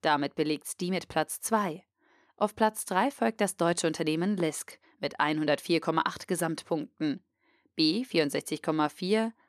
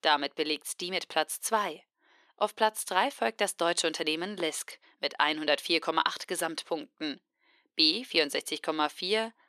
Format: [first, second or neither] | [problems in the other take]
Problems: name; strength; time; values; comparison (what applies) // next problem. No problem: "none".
first | thin; somewhat; fading below 400 Hz